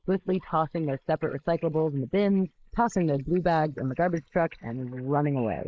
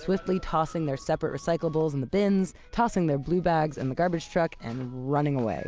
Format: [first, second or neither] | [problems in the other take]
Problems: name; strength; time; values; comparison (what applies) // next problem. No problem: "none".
second | noise reduction (neural mask model Resemble Enhance denoiser)